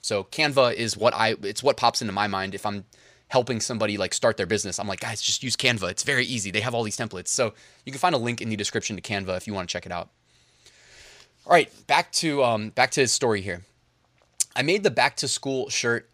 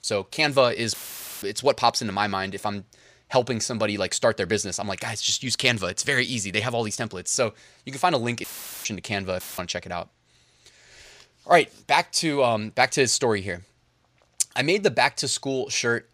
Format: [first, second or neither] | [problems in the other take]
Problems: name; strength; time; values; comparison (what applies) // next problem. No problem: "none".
first | audio cutting out; filled with static; at 1 s, at 8.5 s and at 9.5 s